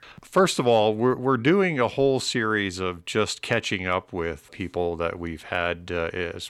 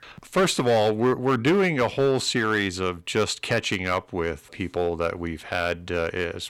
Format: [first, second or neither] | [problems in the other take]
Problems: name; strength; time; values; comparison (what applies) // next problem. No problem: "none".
first | distortion; slight; 5% of the sound clipped